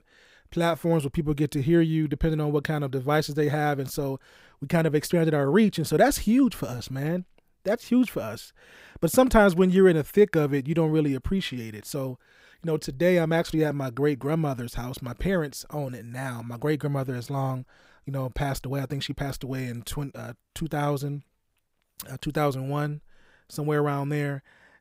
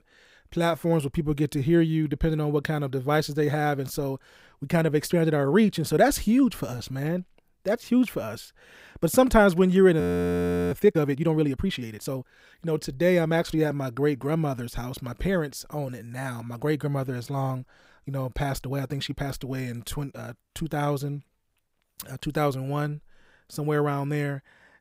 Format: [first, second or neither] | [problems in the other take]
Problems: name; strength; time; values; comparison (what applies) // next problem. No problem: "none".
first | audio freezing; at 10 s for 0.5 s